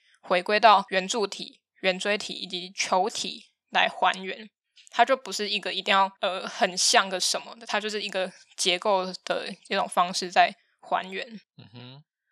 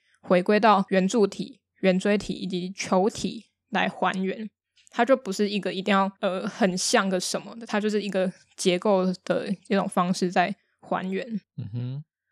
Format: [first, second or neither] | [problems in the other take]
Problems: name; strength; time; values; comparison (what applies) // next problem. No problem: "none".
second | thin; somewhat; fading below 950 Hz